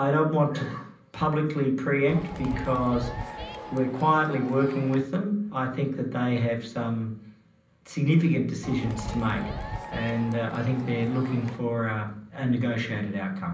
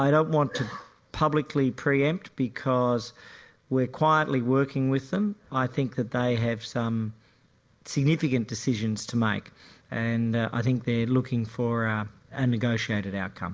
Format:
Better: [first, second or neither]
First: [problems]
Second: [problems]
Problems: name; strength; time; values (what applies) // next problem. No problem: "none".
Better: second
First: background sound (Crowd); 10 dB below the speech // room echo; dies away in 0.6 s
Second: none